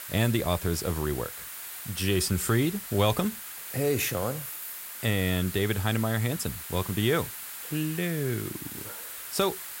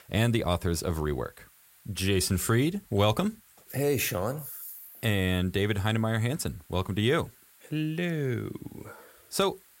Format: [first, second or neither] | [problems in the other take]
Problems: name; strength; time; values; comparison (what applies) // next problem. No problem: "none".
second | hiss; loud; throughout; 8 dB below the speech; faint in the second